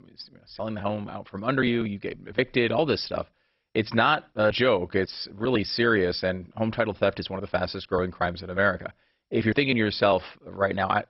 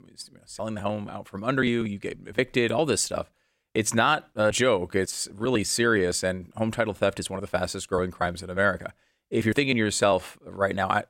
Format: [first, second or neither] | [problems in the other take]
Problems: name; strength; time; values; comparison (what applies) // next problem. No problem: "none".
second | garbled, watery; badly; nothing above 5.5 kHz